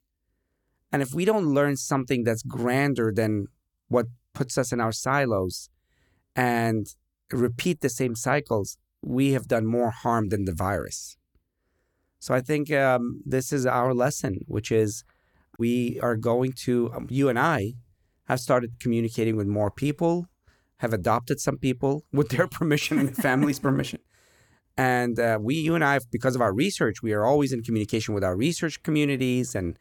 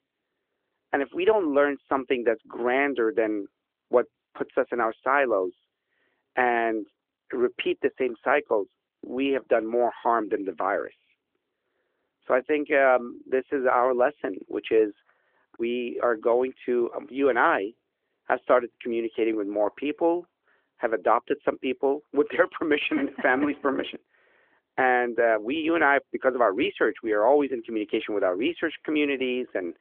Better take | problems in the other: first | phone-call audio; nothing above 3.5 kHz

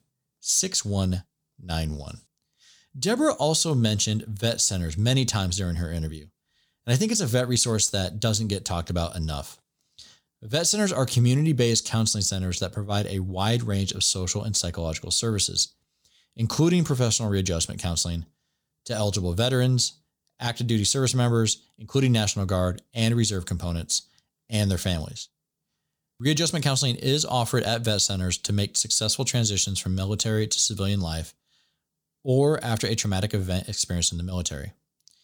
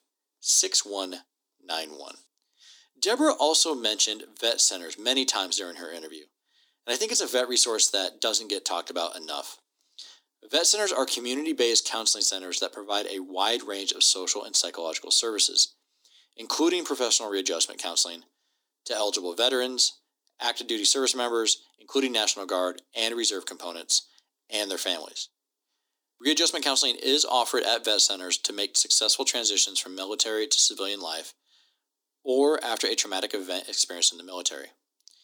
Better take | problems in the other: first | thin; very; fading below 250 Hz

